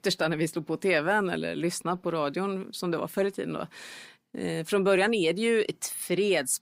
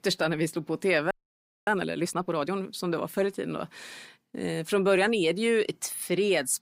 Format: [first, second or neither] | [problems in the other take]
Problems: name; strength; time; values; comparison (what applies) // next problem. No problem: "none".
first | audio freezing; at 1 s for 0.5 s